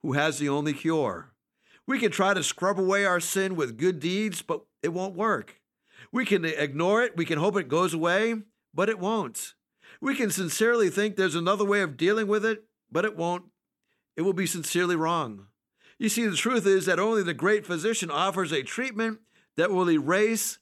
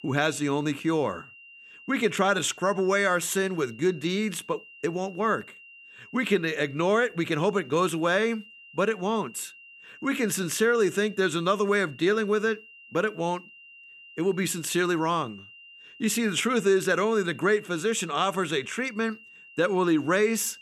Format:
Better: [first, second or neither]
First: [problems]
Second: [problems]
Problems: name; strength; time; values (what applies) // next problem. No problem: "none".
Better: first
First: none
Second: high-pitched whine; faint; throughout; 3 kHz, 20 dB below the speech